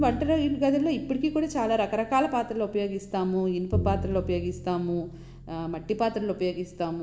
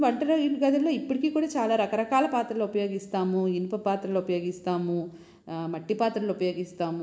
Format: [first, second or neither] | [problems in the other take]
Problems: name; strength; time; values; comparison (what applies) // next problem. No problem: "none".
second | background sound (Bowed string instrument); 10 dB below the speech